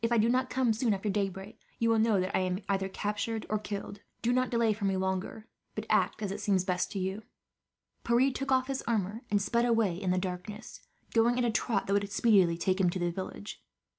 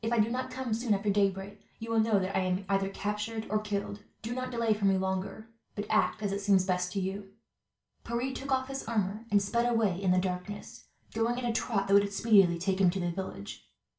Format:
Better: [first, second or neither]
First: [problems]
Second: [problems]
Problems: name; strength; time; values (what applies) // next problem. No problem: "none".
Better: first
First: none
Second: room echo; dies away in 0.3 s